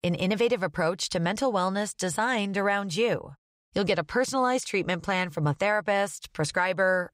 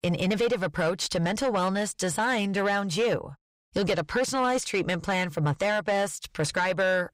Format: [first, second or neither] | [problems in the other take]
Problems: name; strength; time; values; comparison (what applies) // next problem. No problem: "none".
first | distortion; slight; 10 dB below the speech